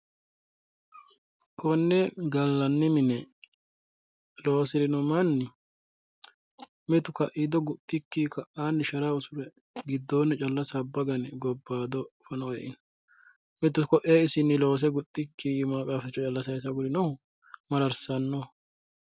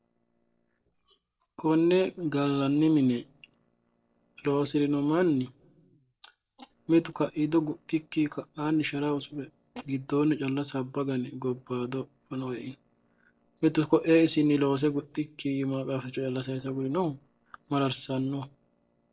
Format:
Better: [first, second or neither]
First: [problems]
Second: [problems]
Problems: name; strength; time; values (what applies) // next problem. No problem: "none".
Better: first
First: none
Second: noise reduction (neural separator model SepFormer DNS4)